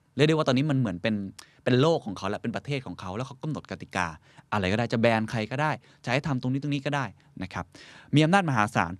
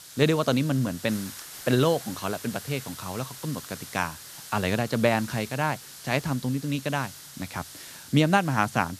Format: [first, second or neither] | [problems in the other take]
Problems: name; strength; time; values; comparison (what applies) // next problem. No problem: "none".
first | hiss; noticeable; throughout; 15 dB below the speech